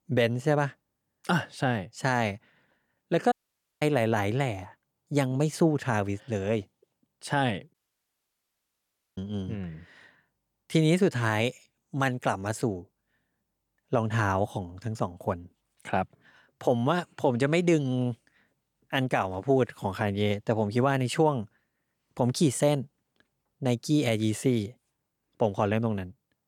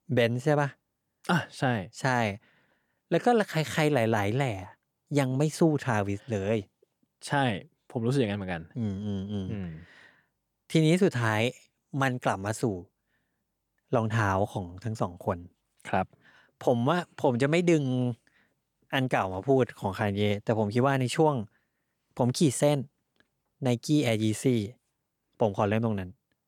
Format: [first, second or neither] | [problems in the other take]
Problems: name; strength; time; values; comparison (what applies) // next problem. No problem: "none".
second | audio cutting out; at 3.5 s and at 7.5 s for 1.5 s